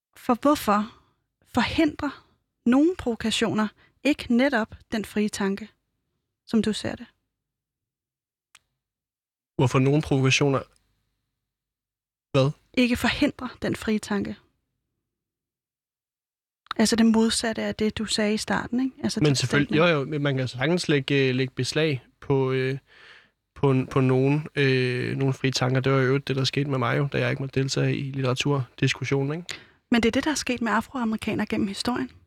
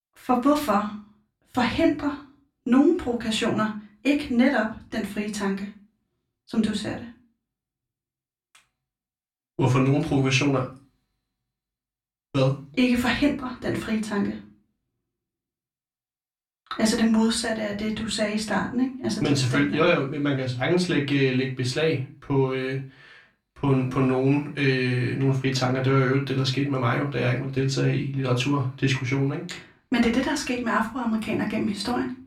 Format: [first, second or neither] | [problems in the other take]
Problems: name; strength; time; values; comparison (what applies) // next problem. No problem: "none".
first | off-mic speech; far // room echo; very slight; dies away in 0.3 s